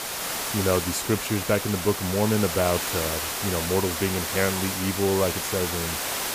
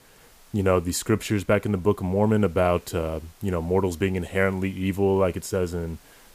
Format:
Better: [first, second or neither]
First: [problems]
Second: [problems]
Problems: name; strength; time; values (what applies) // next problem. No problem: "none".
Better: second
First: hiss; loud; throughout; 1 dB below the speech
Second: hiss; faint; throughout; 30 dB below the speech